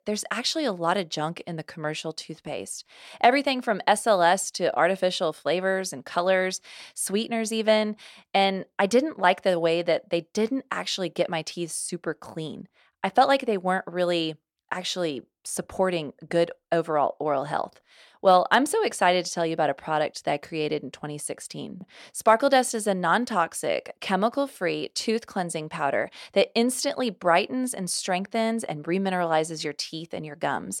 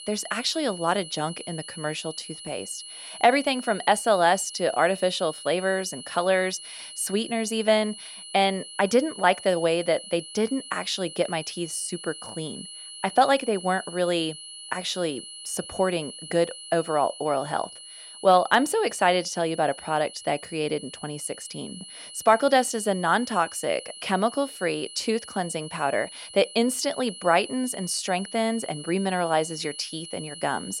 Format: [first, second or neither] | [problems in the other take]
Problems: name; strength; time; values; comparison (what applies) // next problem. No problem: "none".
first | high-pitched whine; noticeable; throughout; 3 kHz, 15 dB below the speech